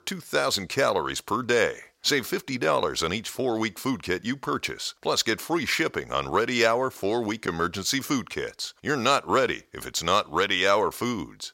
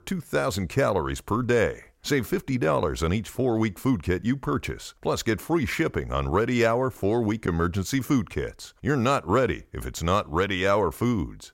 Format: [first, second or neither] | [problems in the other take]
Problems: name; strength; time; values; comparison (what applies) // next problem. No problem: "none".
second | thin; very slightly; fading below 950 Hz